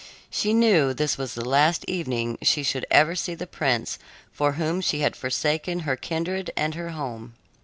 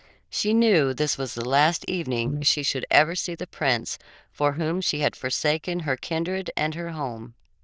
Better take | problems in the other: first | noise reduction (neural diffusion model UNIVERSE++)

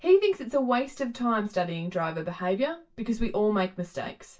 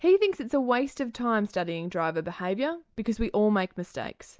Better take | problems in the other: second | room echo; dies away in 0.2 s

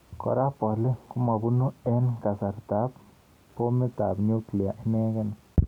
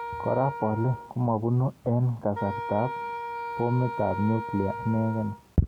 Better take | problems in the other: first | background sound (Wind instrument, woodwind instrument); 9 dB below the speech

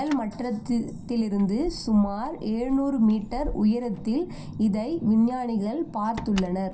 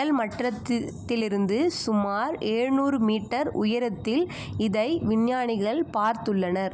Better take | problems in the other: second | background sound (Keys jangling); 15 dB below the speech // room echo; dies away in 0.3 s

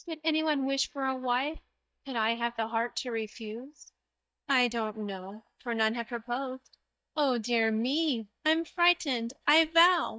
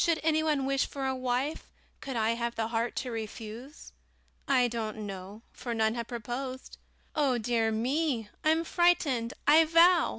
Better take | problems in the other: second | noise reduction (neural mask model DeepFilterNet 3)

